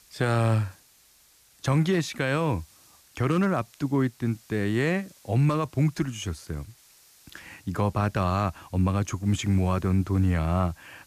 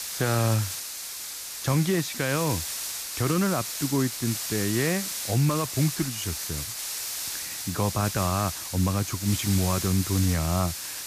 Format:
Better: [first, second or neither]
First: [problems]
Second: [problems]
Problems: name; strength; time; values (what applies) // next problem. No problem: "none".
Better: first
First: hiss; faint; throughout; 30 dB below the speech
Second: hiss; loud; throughout; 4 dB below the speech